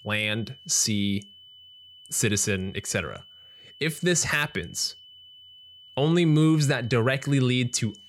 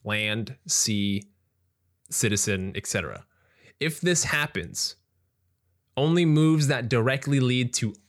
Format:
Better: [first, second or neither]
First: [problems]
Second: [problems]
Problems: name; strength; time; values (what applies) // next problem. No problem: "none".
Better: second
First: high-pitched whine; faint; throughout; 3 kHz, 25 dB below the speech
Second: none